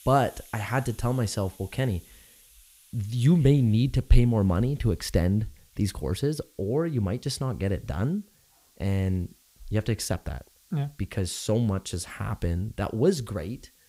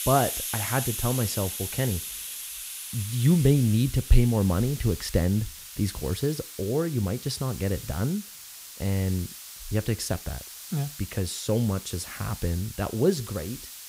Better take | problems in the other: first | hiss; loud; throughout; 8 dB below the speech; faint in the first

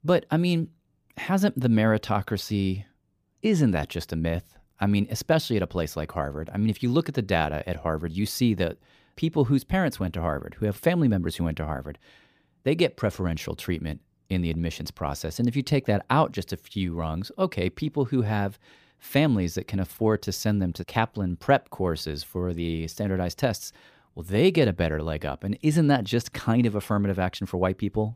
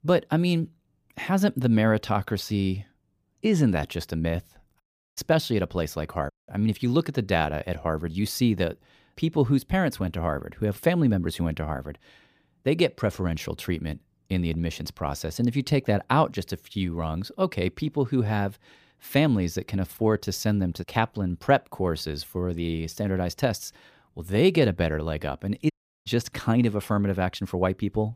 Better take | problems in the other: first | audio cutting out; at 5 s, at 6.5 s and at 26 s

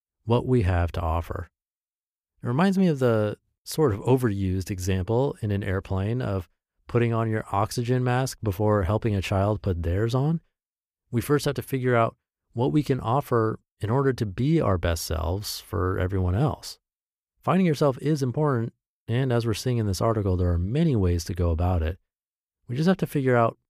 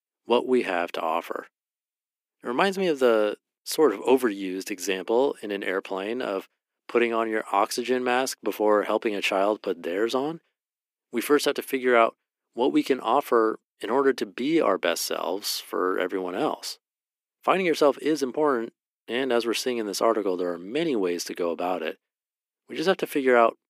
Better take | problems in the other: first | thin; somewhat; fading below 250 Hz

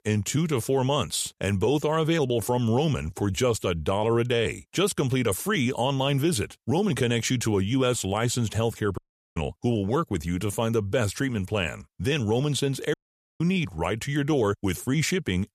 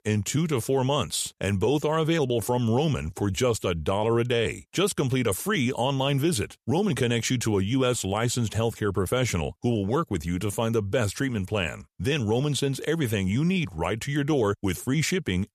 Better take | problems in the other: second | audio cutting out; at 9 s and at 13 s

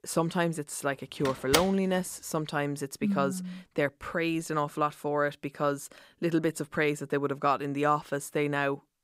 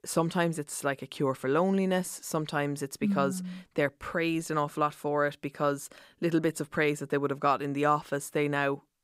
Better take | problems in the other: second | door banging; loud; at 1.5 s; peak 1 dB above the speech

